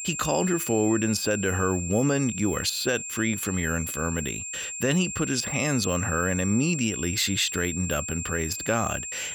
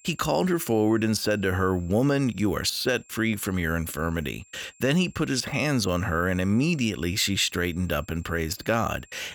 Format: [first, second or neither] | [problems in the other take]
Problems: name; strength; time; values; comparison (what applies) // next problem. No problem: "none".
second | high-pitched whine; loud; throughout; 7.5 kHz, 5 dB below the speech; faint in the second